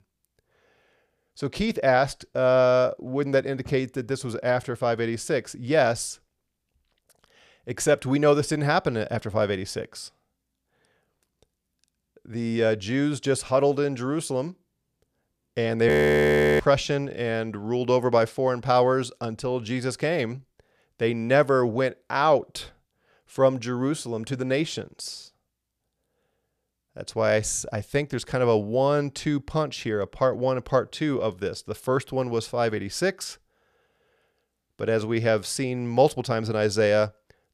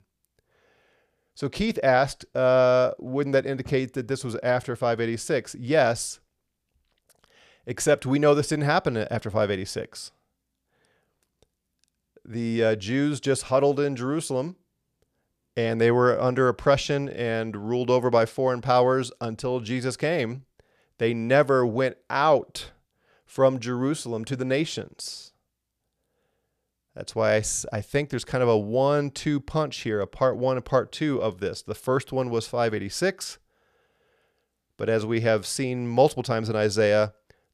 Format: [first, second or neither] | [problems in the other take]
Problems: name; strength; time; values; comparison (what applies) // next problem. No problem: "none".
second | audio freezing; at 16 s for 0.5 s